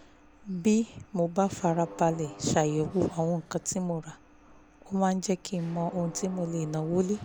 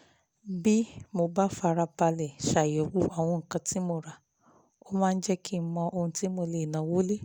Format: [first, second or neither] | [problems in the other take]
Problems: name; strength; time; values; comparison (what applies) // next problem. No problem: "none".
second | background sound (Mechanisms); 19 dB below the speech